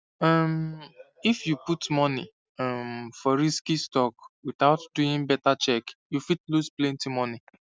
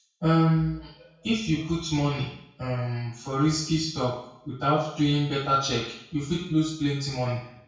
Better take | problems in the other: first | room echo; dies away in 0.6 s

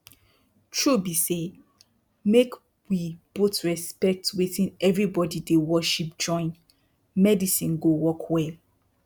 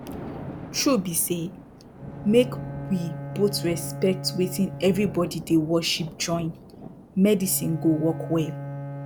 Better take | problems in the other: first | background sound (Bowed string instrument + Thunder); 10 dB below the speech

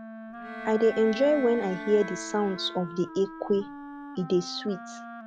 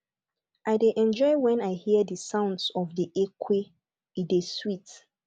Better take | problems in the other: second | background sound (Wind instrument, woodwind instrument + Bowed string instrument); 11 dB below the speech

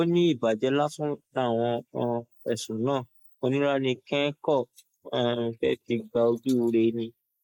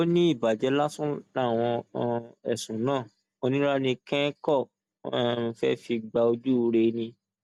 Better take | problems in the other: second | noise reduction (neural mask model Resemble Enhance denoiser)

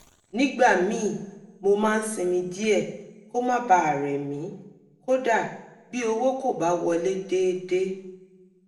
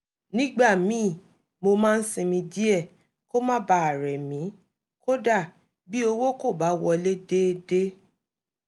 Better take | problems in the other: second | room echo; dies away in 0.7 s

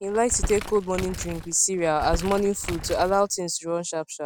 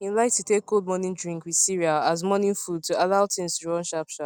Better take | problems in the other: second | background sound (Crumpling, crinkling); 9 dB below the speech

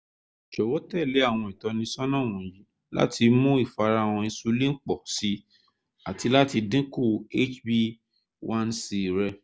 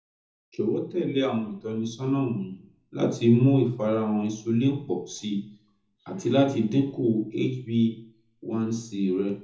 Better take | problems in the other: first | room echo; dies away in 0.6 s

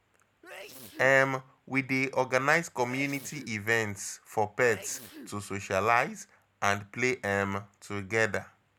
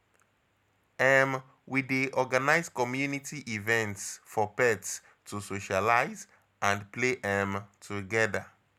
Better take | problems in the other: second | background sound (Sneeze); 19 dB below the speech

